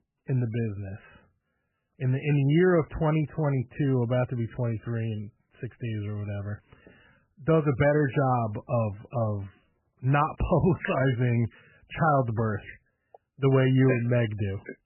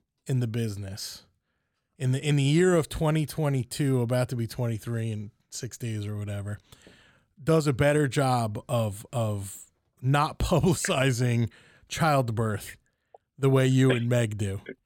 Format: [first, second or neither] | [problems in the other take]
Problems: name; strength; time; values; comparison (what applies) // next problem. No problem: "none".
second | garbled, watery; badly; nothing above 3 kHz